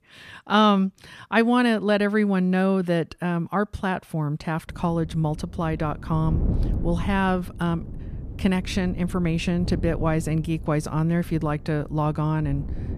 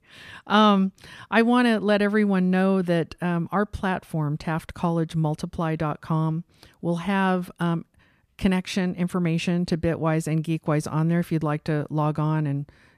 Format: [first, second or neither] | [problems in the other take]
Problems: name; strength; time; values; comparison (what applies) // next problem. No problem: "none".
second | wind noise on the microphone; occasional gusts; from 4.5 s on; 20 dB below the speech